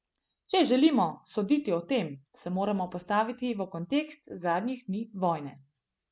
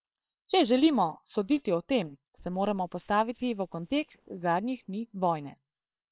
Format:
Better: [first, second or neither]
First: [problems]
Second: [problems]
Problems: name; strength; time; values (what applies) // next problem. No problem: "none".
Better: first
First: none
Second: noise reduction (neural separator model SepFormer WHAM!)